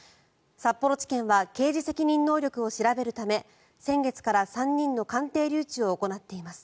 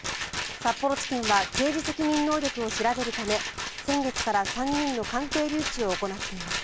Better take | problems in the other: first | background sound (Rattle); 5 dB below the speech

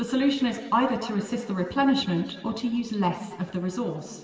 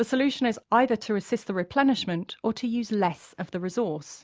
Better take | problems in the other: second | room echo; dies away in 2.3 s

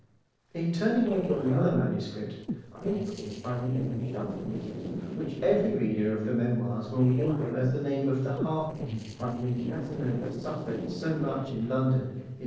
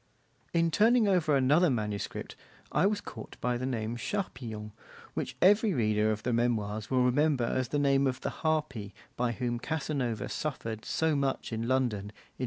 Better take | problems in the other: second | noise reduction (neural separator model SepFormer DNS4)

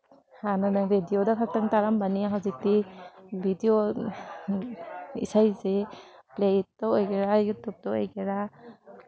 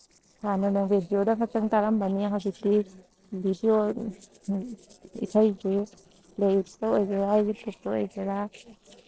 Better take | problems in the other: first | noise reduction (neural separator model SepFormer DNS4)

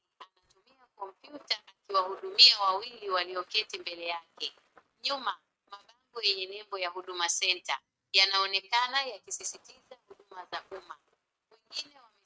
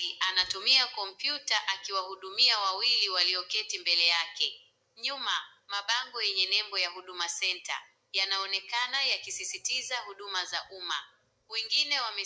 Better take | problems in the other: second | noise reduction (neural mask model RNNoise)

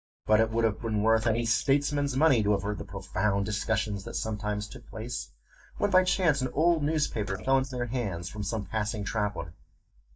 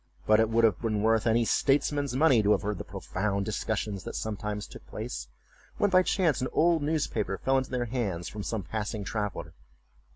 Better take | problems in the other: second | noise reduction (neural mask model DeepFilterNet 3)

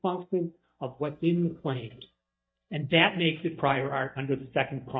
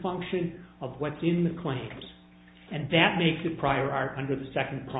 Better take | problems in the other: second | noise reduction (neural mask model DeepFilterNet 3)

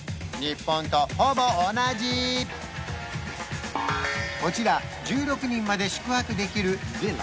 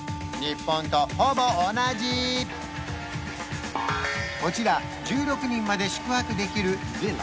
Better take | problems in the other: first | background sound (Wind instrument, woodwind instrument); 13 dB below the speech

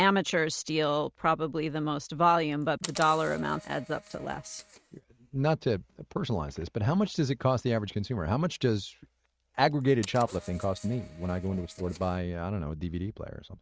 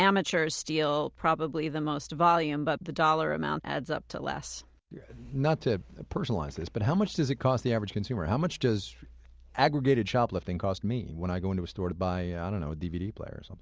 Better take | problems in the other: second | noise reduction (neural mask model RNNoise)

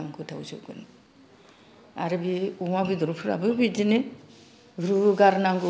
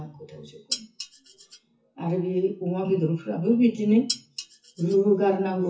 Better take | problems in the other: first | noise reduction (classical method WPE with log-MMSE)

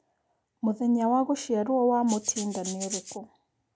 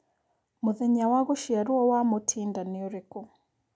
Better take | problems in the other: second | background sound (Rattle (instrument)); 10 dB below the speech

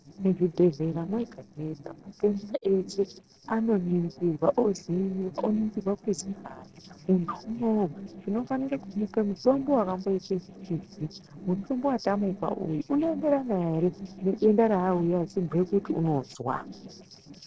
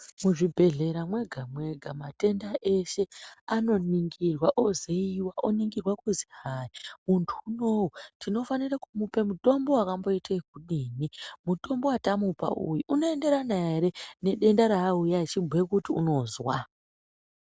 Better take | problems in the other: second | noise reduction (neural separator model SepFormer DNS4)

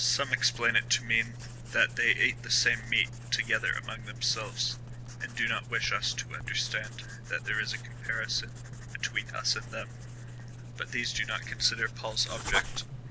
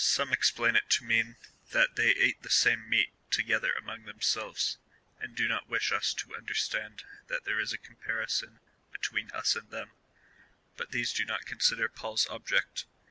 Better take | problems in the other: second | background sound (Writing); 9 dB below the speech

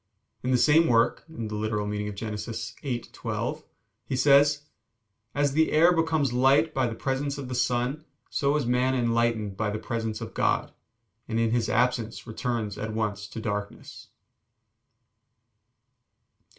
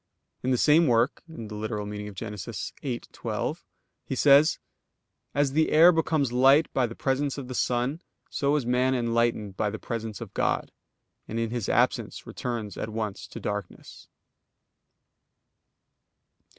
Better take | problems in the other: second | room echo; dies away in 0.2 s

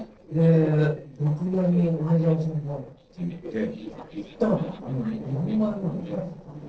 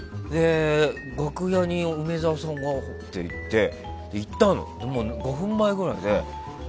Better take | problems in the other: second | noise reduction (neural separator model SepFormer DNS4)

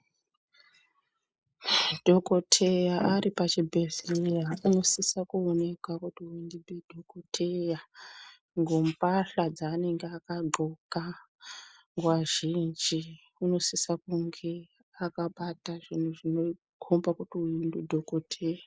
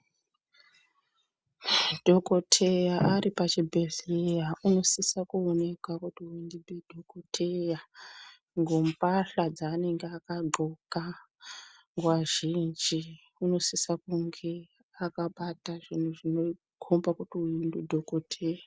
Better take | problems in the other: second | noise reduction (neural mask model Resemble Enhance denoiser)

